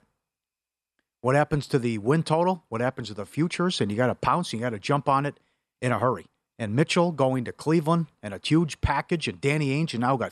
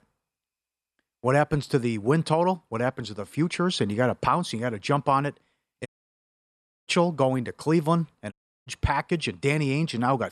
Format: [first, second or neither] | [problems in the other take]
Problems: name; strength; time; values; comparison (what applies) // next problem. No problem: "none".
first | audio cutting out; at 6 s for 1 s and at 8.5 s